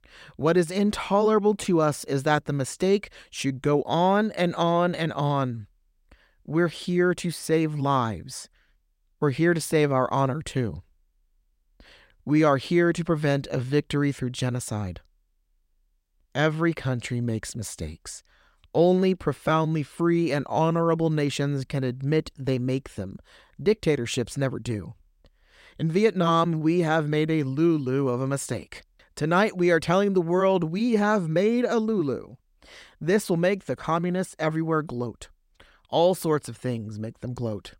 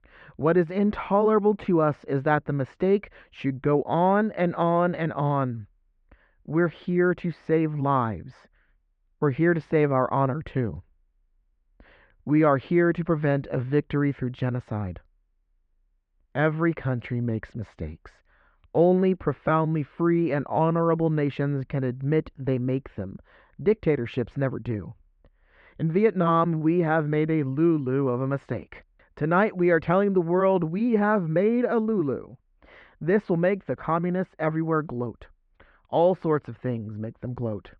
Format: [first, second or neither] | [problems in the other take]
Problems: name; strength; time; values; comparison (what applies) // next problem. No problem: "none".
first | muffled; very; fading above 2 kHz